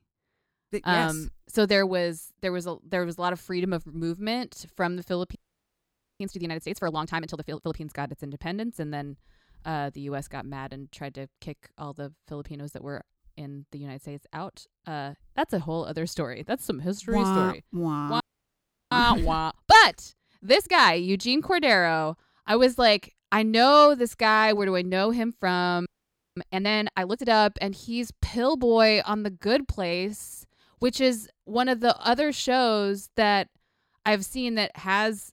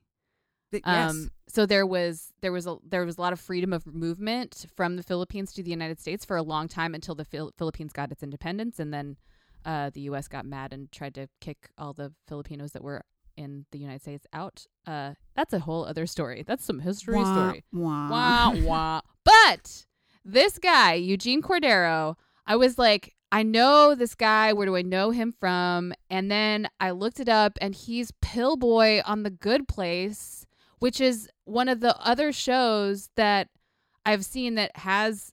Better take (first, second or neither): second